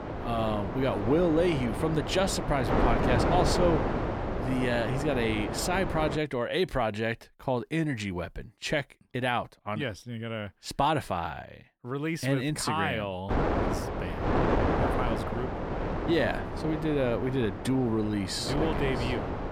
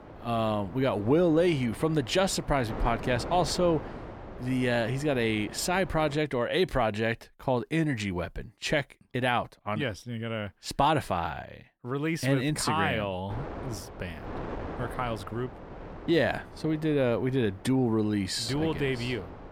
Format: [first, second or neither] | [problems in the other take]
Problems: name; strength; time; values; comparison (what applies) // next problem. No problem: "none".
second | wind noise on the microphone; heavy; until 6 s and from 13 s on; 2 dB below the speech; occasional gusts in the second